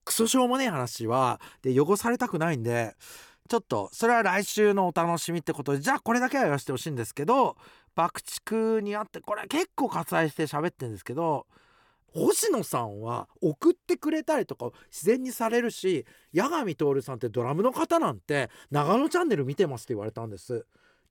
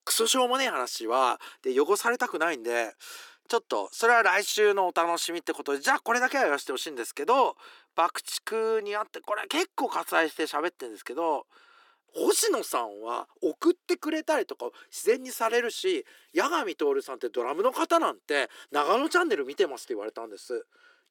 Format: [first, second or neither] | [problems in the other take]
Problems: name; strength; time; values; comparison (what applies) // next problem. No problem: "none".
first | thin; somewhat; fading below 300 Hz